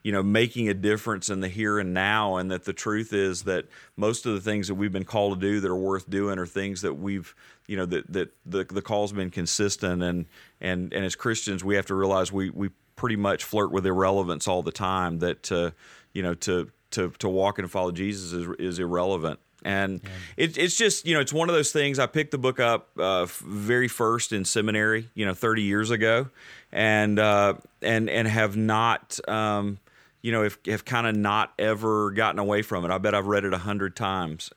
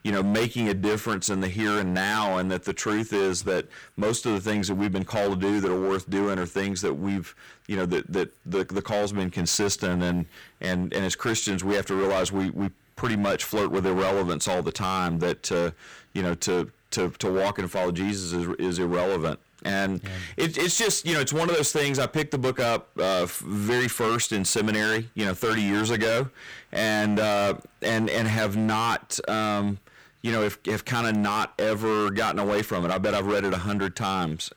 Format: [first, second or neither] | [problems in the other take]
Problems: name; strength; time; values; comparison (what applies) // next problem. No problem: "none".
first | distortion; heavy; 17% of the sound clipped